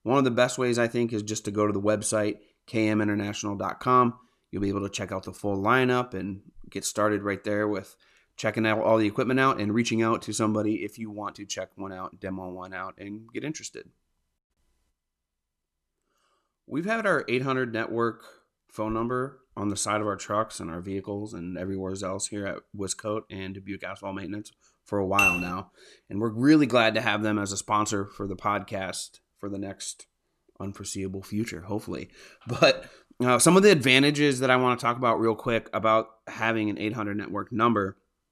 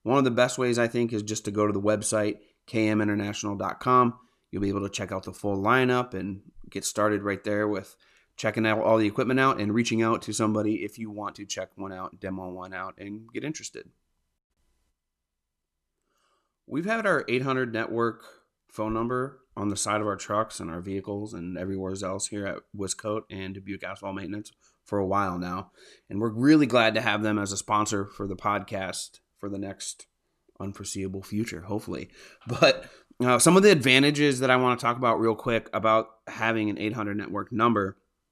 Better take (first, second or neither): second